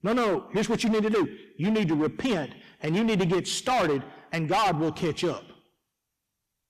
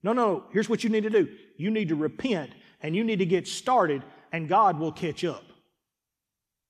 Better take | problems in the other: second | distortion; heavy; 17% of the sound clipped

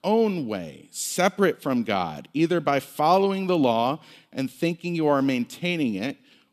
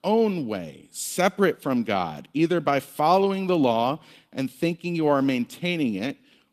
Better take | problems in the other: first | garbled, watery; slightly; nothing above 14.5 kHz

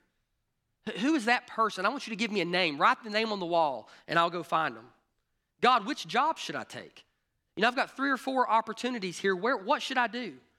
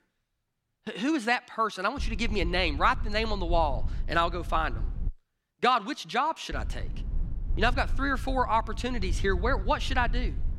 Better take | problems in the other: first | low rumble; faint; from 2 to 5 s and from 6.5 s on; 25 dB below the speech

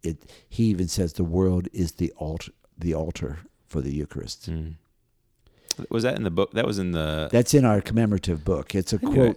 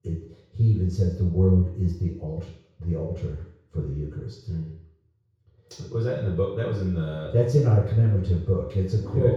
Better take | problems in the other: first | room echo; noticeable; dies away in 0.6 s // off-mic speech; far

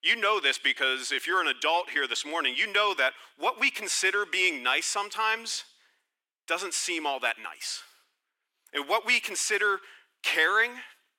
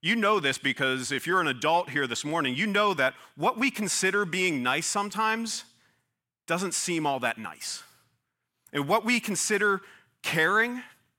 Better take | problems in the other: second | thin; somewhat; fading below 300 Hz

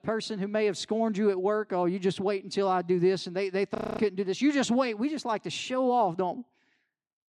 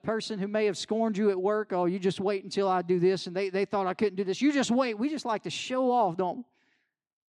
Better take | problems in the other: second | audio freezing; at 4 s

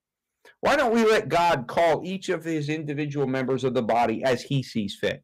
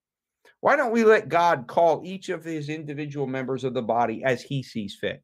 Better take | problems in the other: second | distortion; heavy; 10% of the sound clipped

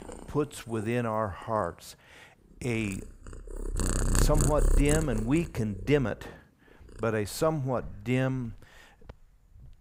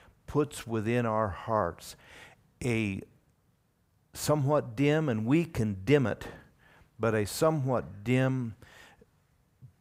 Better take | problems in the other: second | animal sounds; loud; throughout; 3 dB below the speech

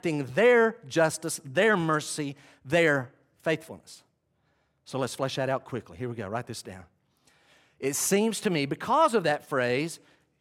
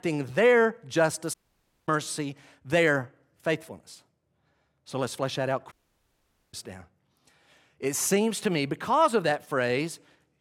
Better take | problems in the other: first | audio cutting out; at 1.5 s for 0.5 s and at 5.5 s for 1 s

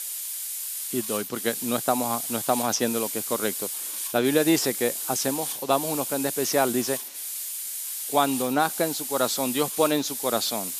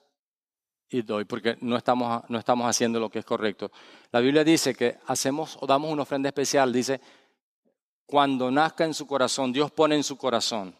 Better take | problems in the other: second | hiss; loud; throughout; 3 dB below the speech

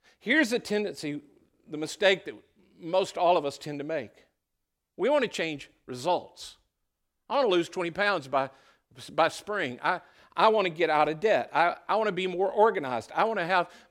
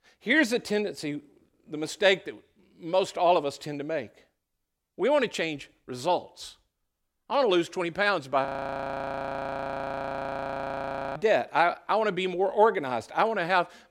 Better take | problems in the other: first | audio freezing; at 8.5 s for 2.5 s

